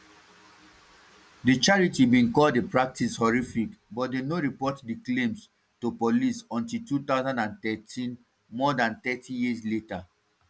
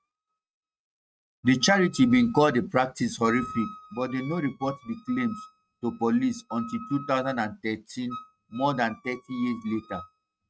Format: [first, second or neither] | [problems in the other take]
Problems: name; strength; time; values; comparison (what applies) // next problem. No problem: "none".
first | noise reduction (neural mask model RNNoise)